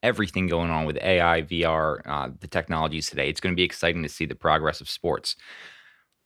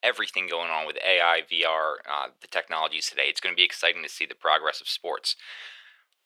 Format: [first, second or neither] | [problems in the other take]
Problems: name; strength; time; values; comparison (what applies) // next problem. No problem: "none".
first | thin; very; fading below 550 Hz